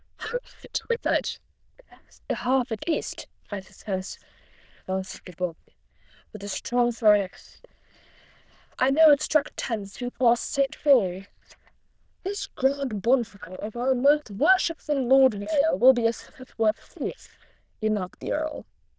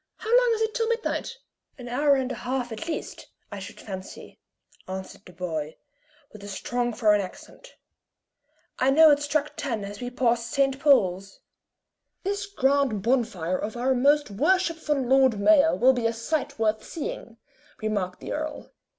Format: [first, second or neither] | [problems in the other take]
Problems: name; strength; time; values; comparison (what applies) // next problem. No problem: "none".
second | noise reduction (neural diffusion model UNIVERSE++)